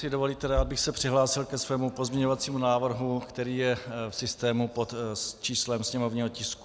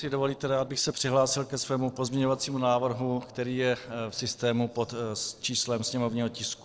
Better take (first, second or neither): first